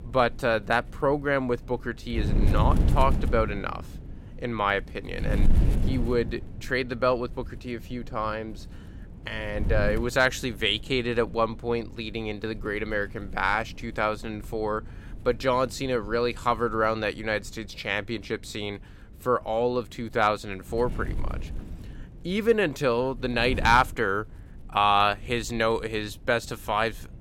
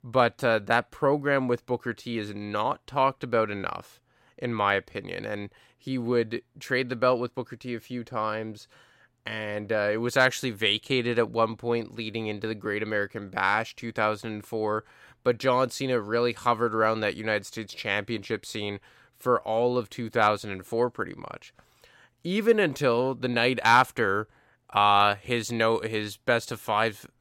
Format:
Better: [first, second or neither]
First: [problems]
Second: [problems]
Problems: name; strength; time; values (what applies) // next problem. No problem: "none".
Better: second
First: wind noise on the microphone; occasional gusts; 20 dB below the speech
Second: none